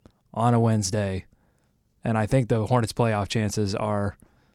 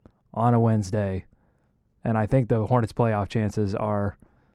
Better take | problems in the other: first | muffled; slightly; fading above 2.5 kHz

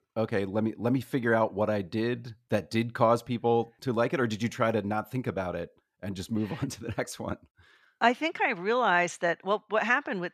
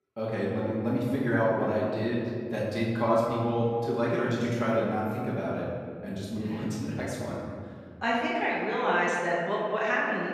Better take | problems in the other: first | off-mic speech; far // room echo; strong; dies away in 2 s

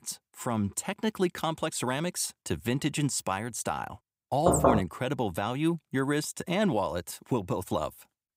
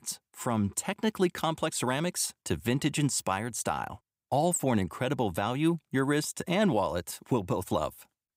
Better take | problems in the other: second | door banging; loud; at 4.5 s; peak 6 dB above the speech

